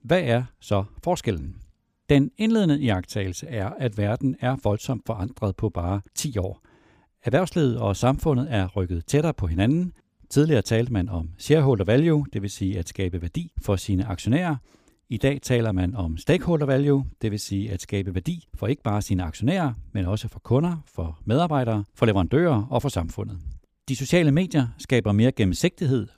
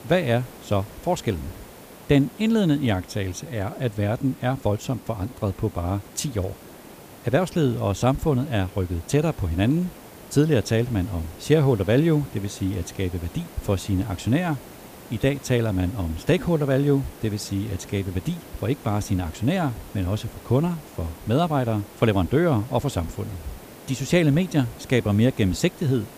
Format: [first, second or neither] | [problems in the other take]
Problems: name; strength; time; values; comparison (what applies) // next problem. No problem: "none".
first | hiss; noticeable; throughout; 20 dB below the speech